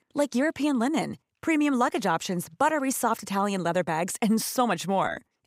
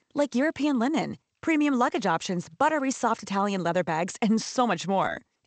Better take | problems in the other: first | garbled, watery; slightly; nothing above 8 kHz

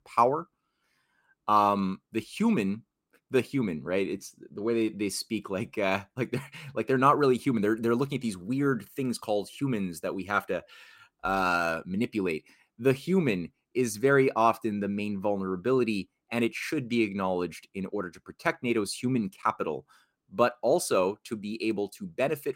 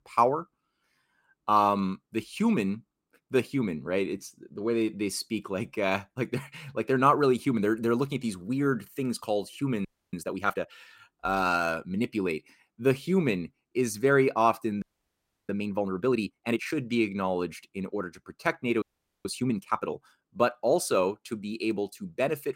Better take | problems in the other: first | audio freezing; at 10 s, at 15 s for 0.5 s and at 19 s

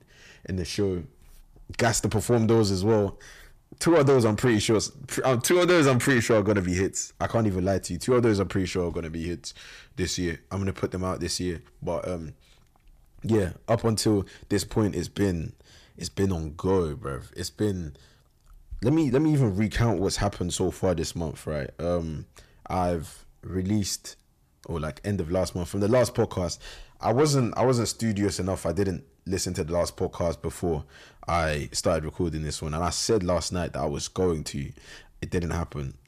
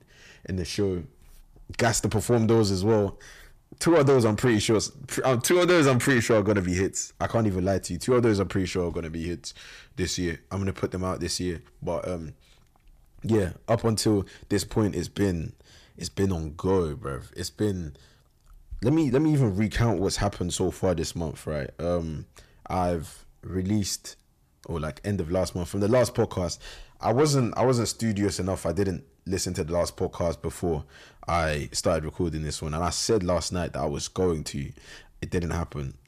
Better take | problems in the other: neither | distortion; slight; 10 dB below the speech; the same in both

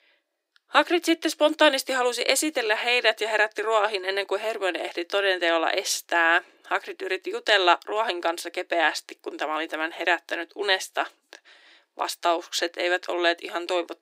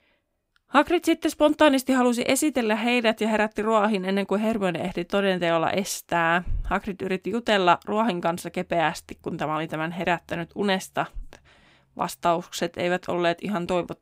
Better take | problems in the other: second | thin; very; fading below 300 Hz

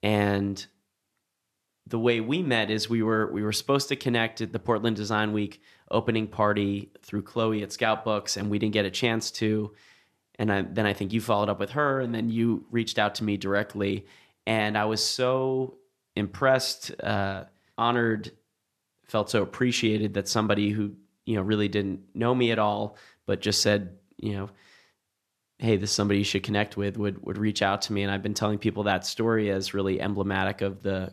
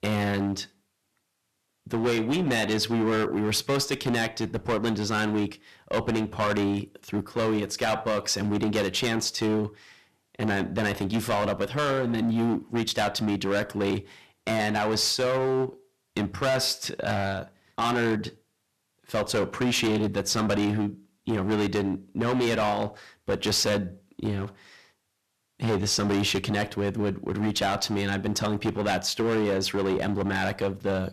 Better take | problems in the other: first | distortion; heavy; 15% of the sound clipped

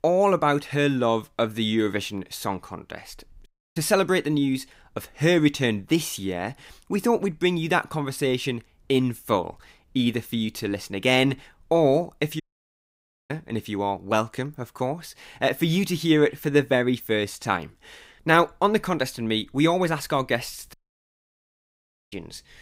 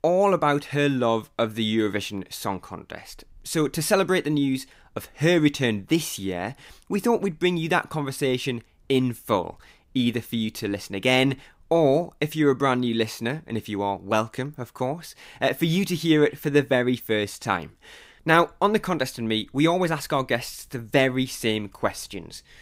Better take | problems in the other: second | audio cutting out; at 3.5 s, at 12 s for 1 s and at 21 s for 1.5 s

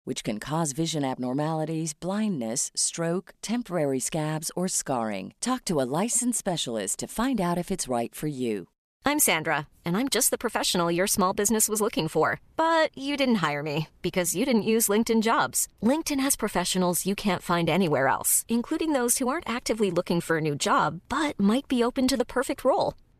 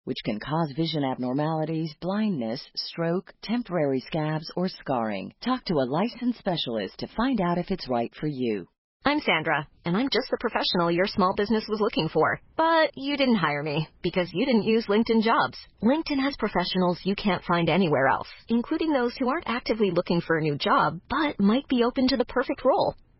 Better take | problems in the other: first | garbled, watery; badly; nothing above 5.5 kHz

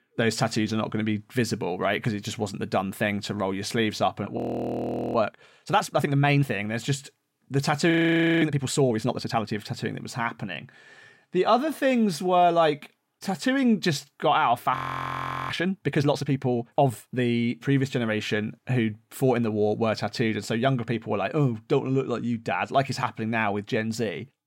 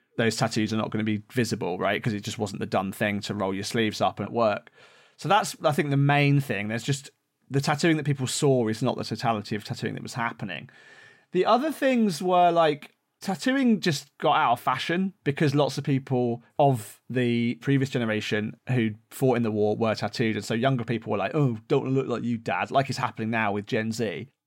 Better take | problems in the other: second | audio freezing; at 4.5 s for 1 s, at 8 s for 0.5 s and at 15 s for 0.5 s

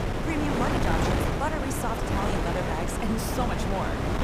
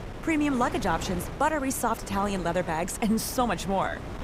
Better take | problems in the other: second | wind noise on the microphone; heavy; 2 dB above the speech; occasional gusts in the second

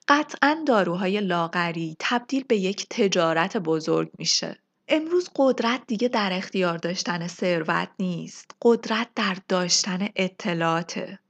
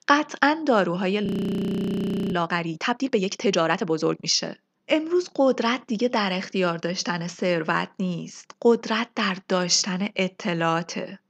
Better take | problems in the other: first | audio freezing; at 1.5 s for 1 s

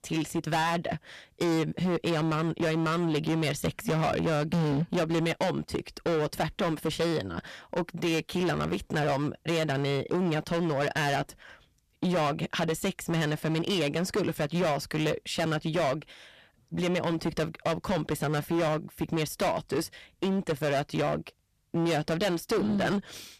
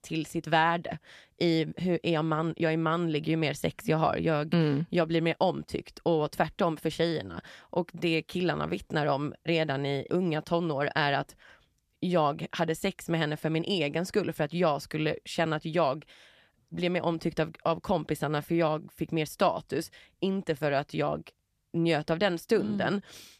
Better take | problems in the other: second | distortion; heavy; 17% of the sound clipped

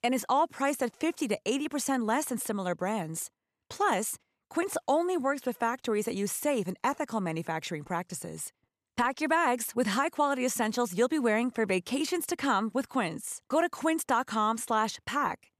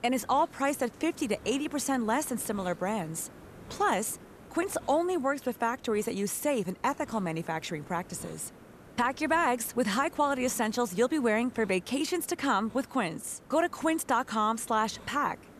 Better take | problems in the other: first | hiss; faint; throughout; 20 dB below the speech

